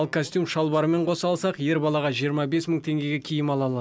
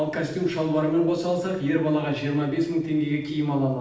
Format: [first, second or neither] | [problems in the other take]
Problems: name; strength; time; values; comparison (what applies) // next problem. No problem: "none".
first | noise reduction (neural separator model SepFormer DNS4)